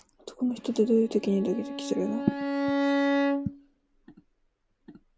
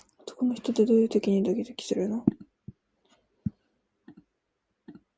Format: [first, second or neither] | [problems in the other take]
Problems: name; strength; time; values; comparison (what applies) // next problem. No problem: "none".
second | background sound (Bowed string instrument); 1 dB below the speech